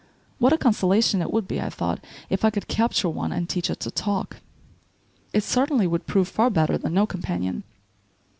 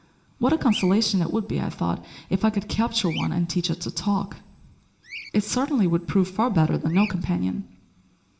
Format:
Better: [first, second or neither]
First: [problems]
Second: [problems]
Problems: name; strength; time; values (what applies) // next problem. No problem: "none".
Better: first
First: none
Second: background sound (Bird vocalization, bird call, bird song); 19 dB below the speech // room echo; dies away in 0.6 s